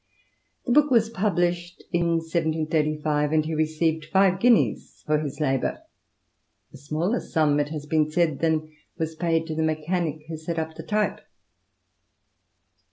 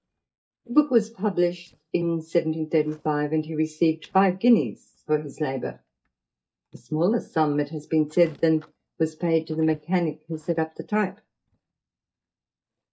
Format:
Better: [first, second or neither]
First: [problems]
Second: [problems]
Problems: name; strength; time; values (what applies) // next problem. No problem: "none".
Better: first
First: none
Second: noise reduction (neural mask model DeepFilterNet 3)